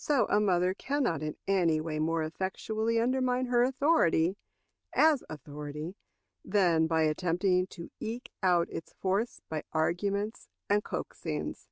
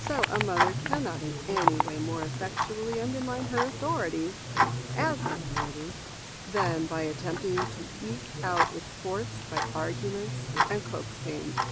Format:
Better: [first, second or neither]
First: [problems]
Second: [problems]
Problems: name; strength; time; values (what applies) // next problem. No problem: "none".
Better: first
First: none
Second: background sound (Tick-tock); 2 dB above the speech